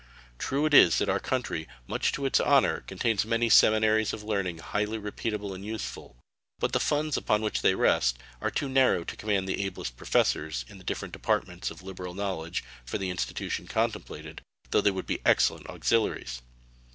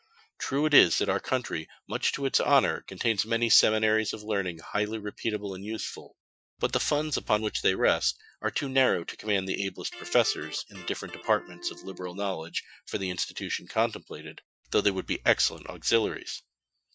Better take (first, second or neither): first